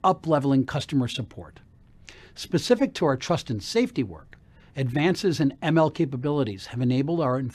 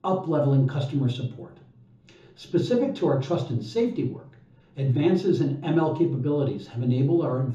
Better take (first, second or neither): first